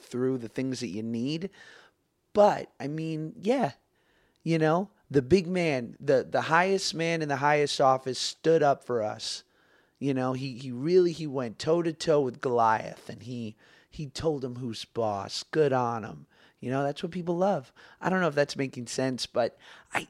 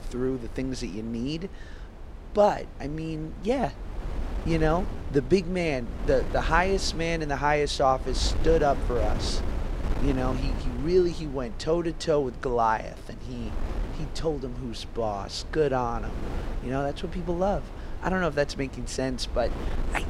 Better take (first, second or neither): first